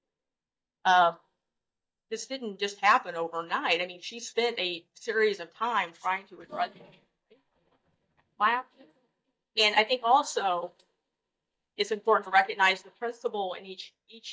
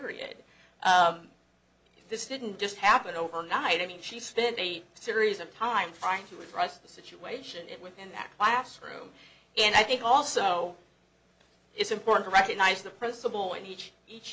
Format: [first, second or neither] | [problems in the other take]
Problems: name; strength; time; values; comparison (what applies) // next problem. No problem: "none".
second | noise reduction (neural mask model DeepFilterNet 3)